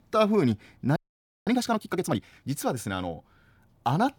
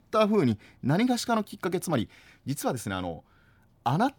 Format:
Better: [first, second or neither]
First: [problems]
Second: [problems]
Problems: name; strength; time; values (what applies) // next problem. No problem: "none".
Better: second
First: audio freezing; at 1 s for 0.5 s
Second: none